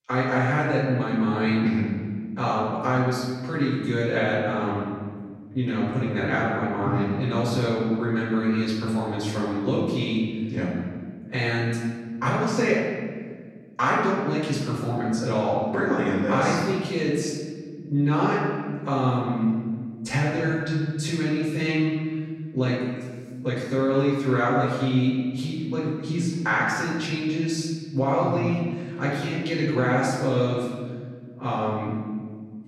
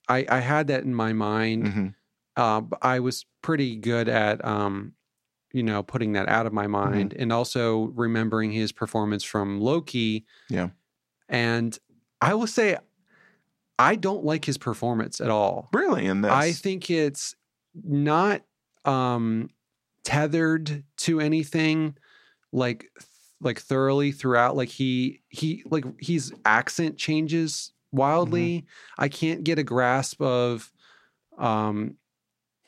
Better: second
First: off-mic speech; far // room echo; strong; dies away in 1.9 s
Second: none

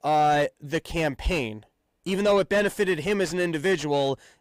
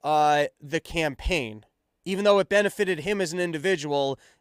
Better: second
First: distortion; slight; 10 dB below the speech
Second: none

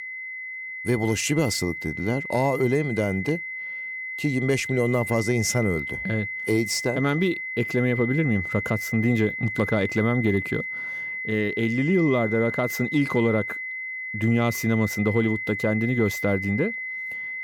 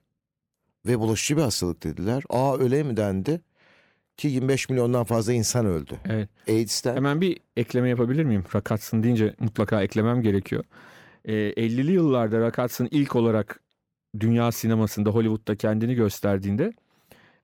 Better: second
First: high-pitched whine; loud; throughout; 2 kHz, 5 dB below the speech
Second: none

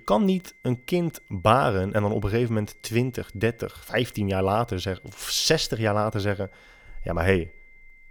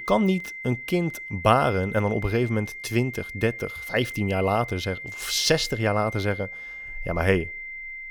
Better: first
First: high-pitched whine; faint; throughout; 2 kHz, 30 dB below the speech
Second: high-pitched whine; loud; throughout; 2 kHz, 10 dB below the speech

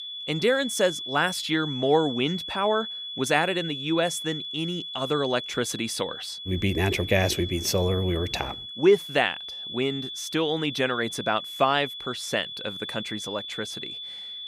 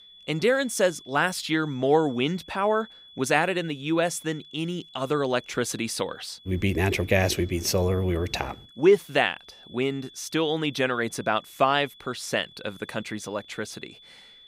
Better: second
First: high-pitched whine; loud; throughout; 3.5 kHz, 7 dB below the speech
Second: high-pitched whine; faint; throughout; 3.5 kHz, 20 dB below the speech

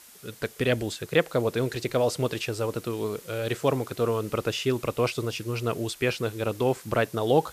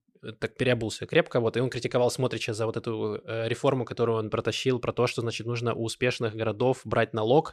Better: second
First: hiss; noticeable; throughout; 20 dB below the speech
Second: none

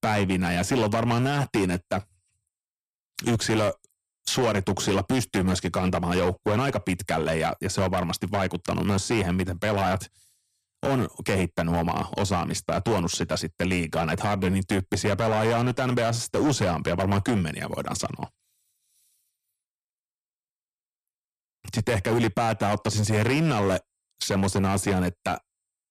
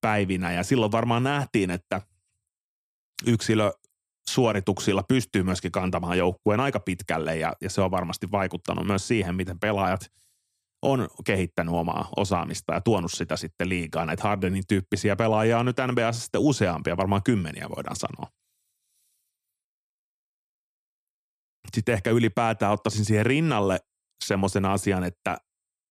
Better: second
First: distortion; heavy; 10% of the sound clipped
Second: none

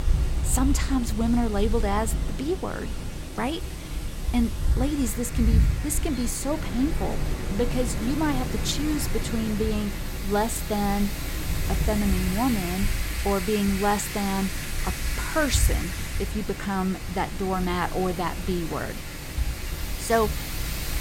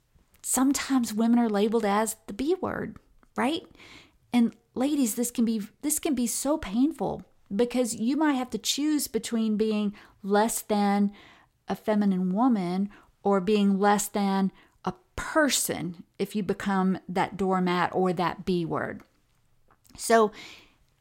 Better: second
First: wind in the background; loud; throughout; 2 dB below the speech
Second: none

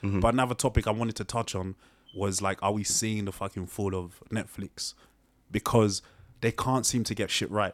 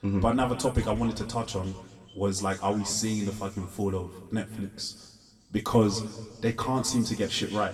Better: first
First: none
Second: room echo; slight; dies away in 1.4 s // off-mic speech; somewhat distant

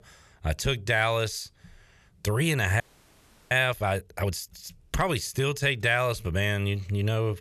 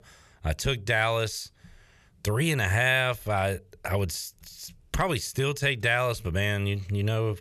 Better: second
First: audio freezing; at 3 s for 0.5 s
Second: none

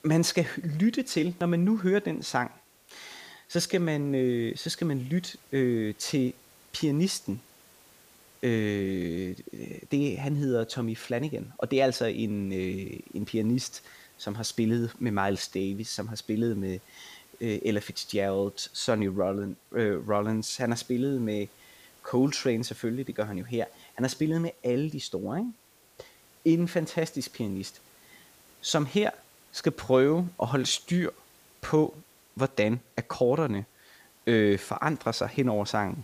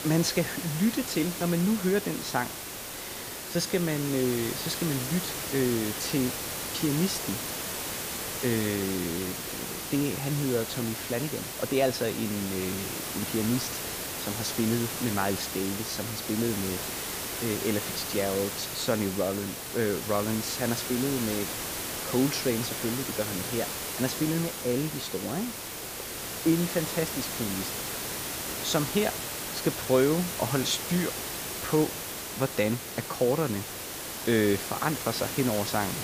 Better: first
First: hiss; faint; throughout; 25 dB below the speech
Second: hiss; loud; throughout; 3 dB below the speech

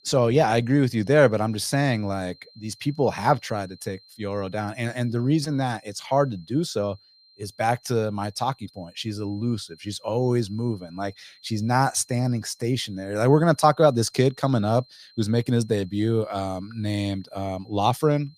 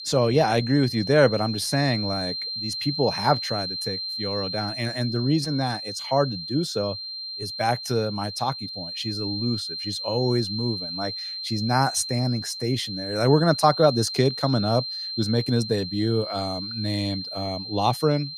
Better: first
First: high-pitched whine; faint; throughout; 4 kHz, 30 dB below the speech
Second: high-pitched whine; loud; throughout; 4 kHz, 6 dB below the speech

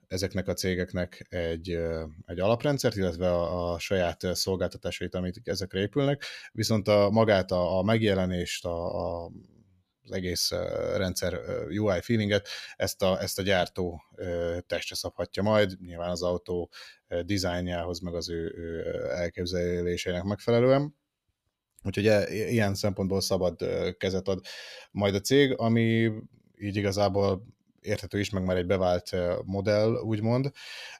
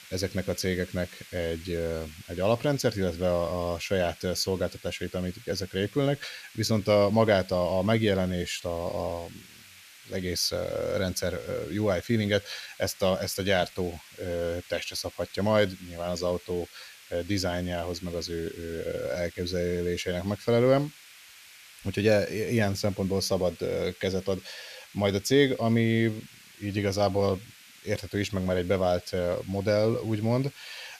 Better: first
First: none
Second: hiss; noticeable; throughout; 20 dB below the speech

